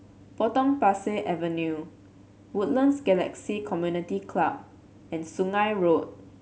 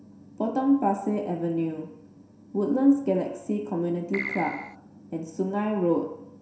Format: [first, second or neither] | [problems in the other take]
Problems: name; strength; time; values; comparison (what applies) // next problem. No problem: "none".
first | background sound (Keyboard (musical)); 7 dB below the speech // room echo; dies away in 0.7 s